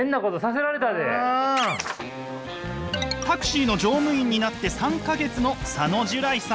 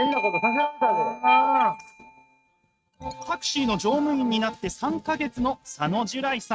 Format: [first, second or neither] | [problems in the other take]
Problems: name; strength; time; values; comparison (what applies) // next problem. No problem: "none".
first | noise reduction (neural mask model RNNoise)